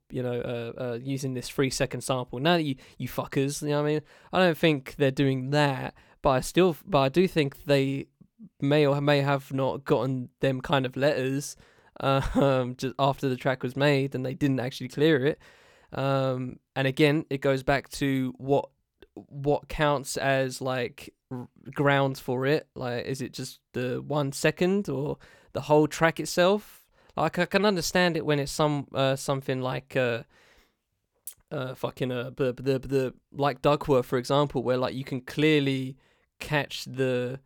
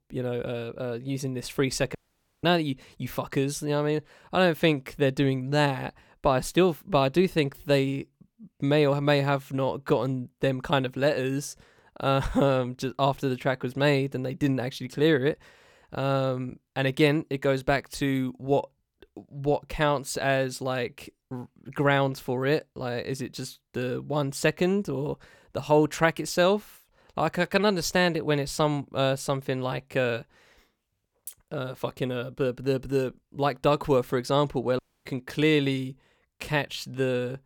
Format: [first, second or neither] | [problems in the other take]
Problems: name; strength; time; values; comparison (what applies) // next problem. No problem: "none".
first | audio cutting out; at 2 s and at 35 s